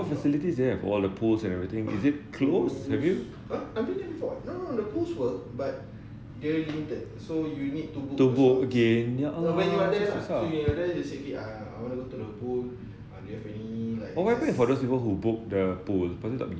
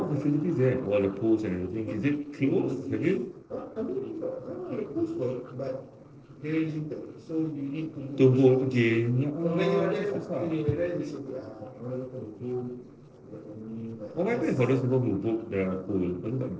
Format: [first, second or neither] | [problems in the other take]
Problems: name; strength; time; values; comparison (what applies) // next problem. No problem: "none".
first | noise reduction (neural separator model SepFormer DNS4)